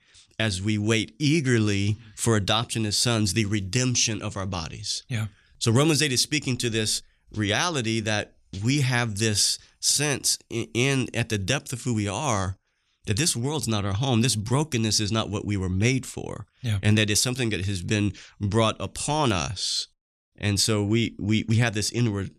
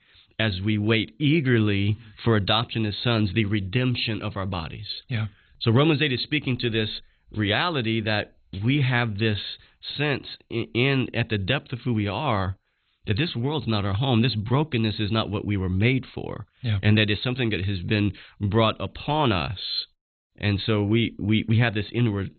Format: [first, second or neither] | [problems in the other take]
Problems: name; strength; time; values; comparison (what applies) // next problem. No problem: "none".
first | garbled, watery; badly; nothing above 4 kHz